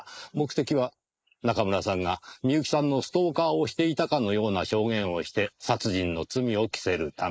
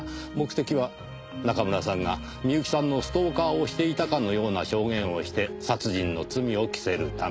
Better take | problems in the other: second | noise reduction (neural mask model Resemble Enhance denoiser)

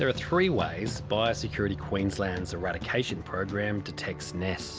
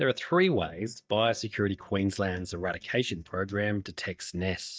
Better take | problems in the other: first | noise reduction (neural mask model DeepFilterNet 3)

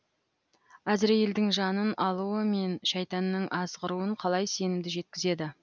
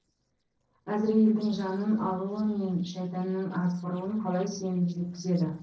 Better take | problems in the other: first | noise reduction (neural separator model SepFormer DNS4)

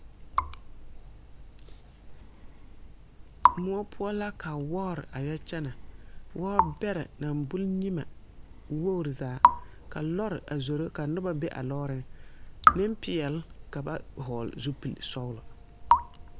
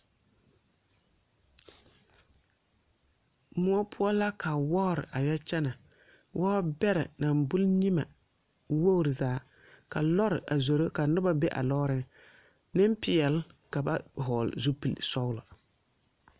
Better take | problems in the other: second | background sound (Raindrop / Drip); 2 dB above the speech

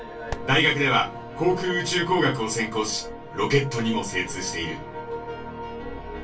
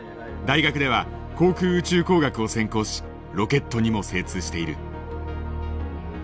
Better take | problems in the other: second | background sound (Fireworks); 15 dB below the speech // room echo; dies away in 0.1 s

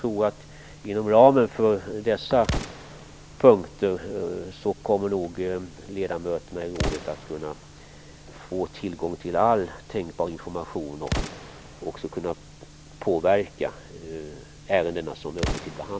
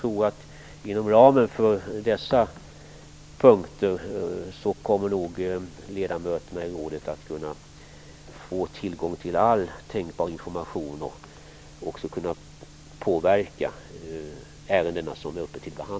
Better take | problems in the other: second | background sound (Explosion); 12 dB below the speech

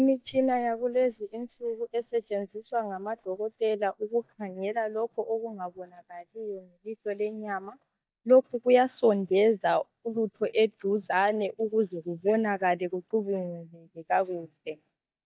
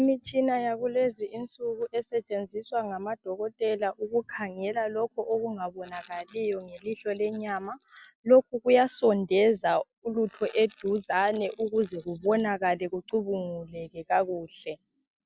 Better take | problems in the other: second | noise reduction (neural mask model DeepFilterNet 3)

